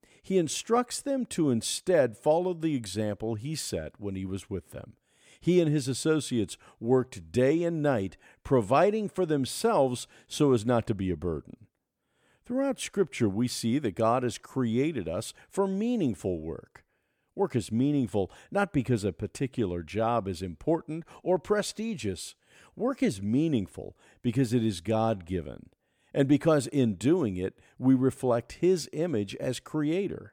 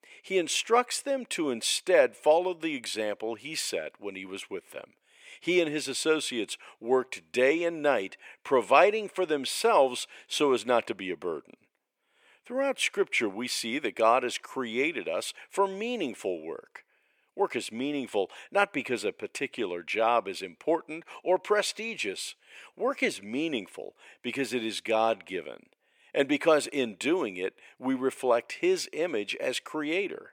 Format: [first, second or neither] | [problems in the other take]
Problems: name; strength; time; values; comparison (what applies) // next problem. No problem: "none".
first | thin; somewhat; fading below 450 Hz